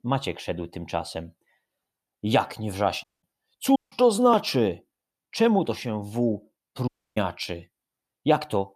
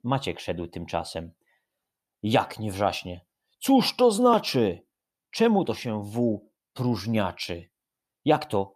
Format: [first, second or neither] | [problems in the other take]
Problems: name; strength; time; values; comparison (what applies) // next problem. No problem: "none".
second | audio cutting out; at 3 s, at 4 s and at 7 s